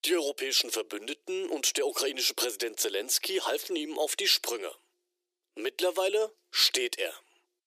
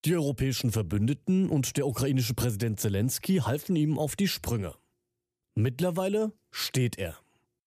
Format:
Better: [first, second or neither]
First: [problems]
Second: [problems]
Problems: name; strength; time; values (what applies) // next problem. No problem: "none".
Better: second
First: thin; very; fading below 350 Hz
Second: none